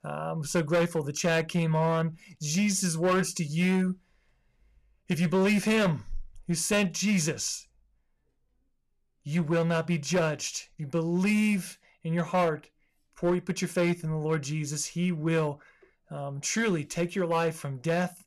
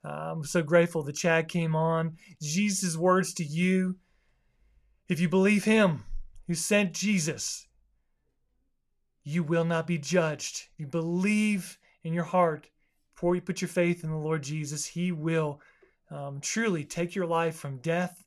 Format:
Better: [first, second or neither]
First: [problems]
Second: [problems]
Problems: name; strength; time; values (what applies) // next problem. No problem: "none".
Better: second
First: distortion; slight; 6% of the sound clipped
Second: none